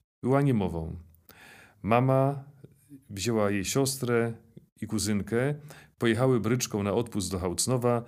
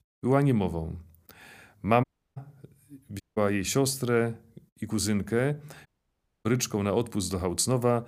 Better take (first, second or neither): first